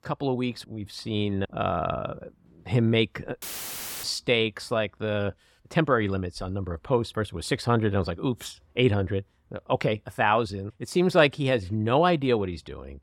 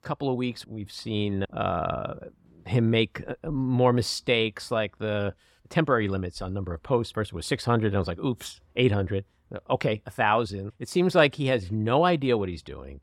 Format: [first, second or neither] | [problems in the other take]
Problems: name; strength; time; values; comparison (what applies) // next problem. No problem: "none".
second | audio cutting out; filled with static; at 3.5 s for 0.5 s